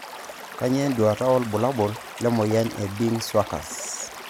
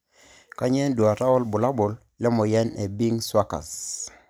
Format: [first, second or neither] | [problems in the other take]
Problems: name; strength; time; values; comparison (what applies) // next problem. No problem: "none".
second | background sound (Stream / Liquid); 13 dB below the speech